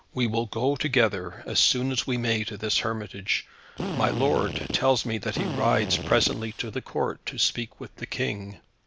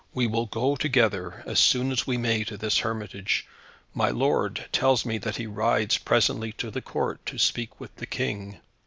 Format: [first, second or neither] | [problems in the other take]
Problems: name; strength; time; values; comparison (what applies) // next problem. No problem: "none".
second | background sound (Drill); 6 dB below the speech